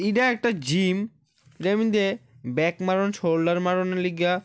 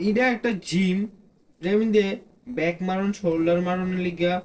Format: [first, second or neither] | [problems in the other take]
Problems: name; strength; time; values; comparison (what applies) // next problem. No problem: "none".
first | noise reduction (neural separator model SepFormer DNS4)